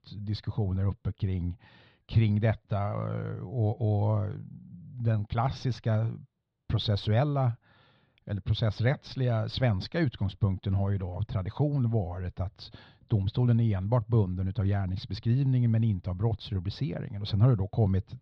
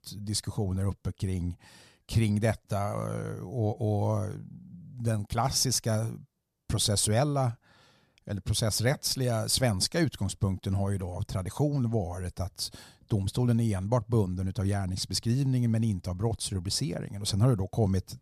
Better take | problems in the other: second | muffled; slightly; fading above 4 kHz

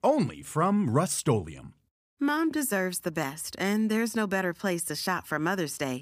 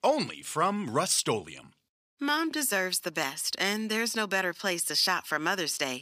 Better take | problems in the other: first | thin; very slightly; fading below 550 Hz

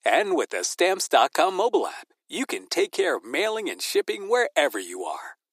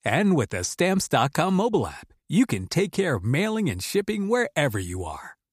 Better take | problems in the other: second | thin; very; fading below 350 Hz

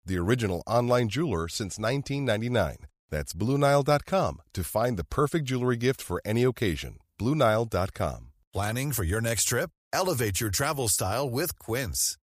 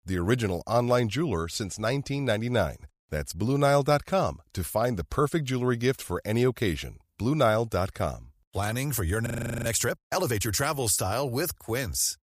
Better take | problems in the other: first | audio freezing; at 9.5 s

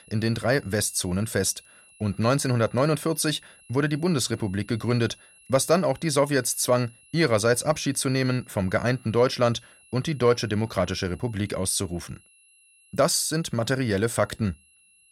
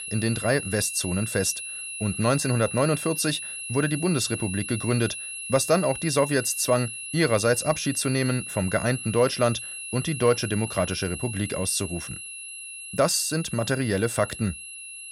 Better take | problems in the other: first | high-pitched whine; loud; throughout; 2.5 kHz, 8 dB below the speech; faint in the first

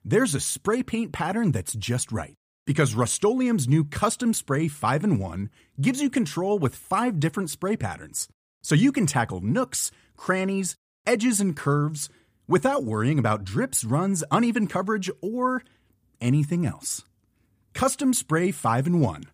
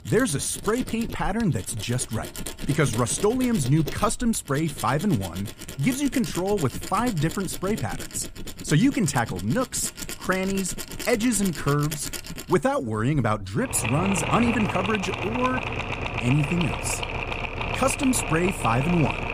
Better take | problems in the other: first | machinery noise; loud; throughout; 7 dB below the speech

